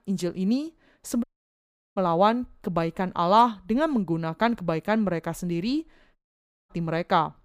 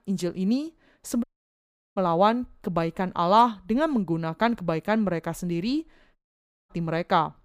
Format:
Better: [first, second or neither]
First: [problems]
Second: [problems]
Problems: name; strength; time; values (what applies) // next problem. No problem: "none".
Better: neither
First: audio cutting out; at 1 s for 0.5 s and at 6 s for 0.5 s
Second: audio cutting out; at 1 s for 0.5 s and at 6 s for 0.5 s